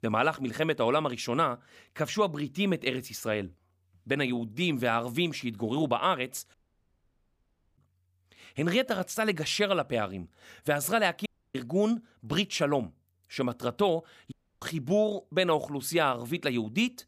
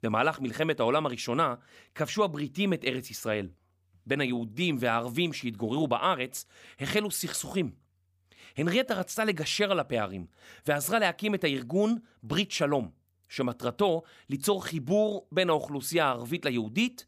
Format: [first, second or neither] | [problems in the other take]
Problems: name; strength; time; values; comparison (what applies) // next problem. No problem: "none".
second | audio cutting out; at 6.5 s for 1 s, at 11 s and at 14 s